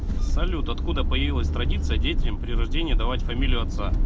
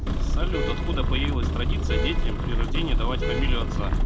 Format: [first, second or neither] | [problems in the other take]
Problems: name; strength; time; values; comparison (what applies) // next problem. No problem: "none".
first | background sound (Vehicle horn, car horn, honking); 9 dB below the speech